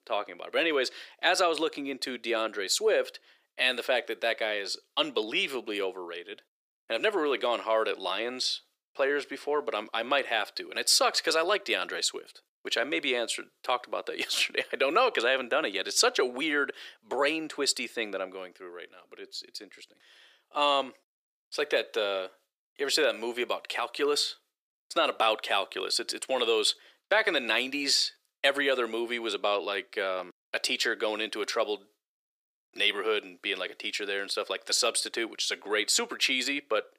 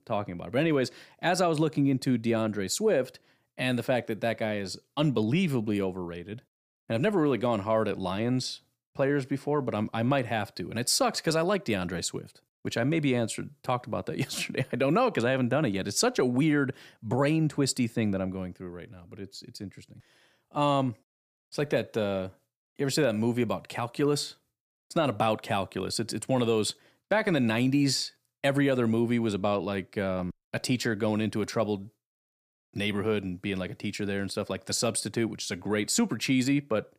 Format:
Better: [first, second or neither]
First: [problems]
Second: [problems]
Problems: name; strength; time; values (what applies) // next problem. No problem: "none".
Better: second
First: thin; very; fading below 400 Hz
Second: none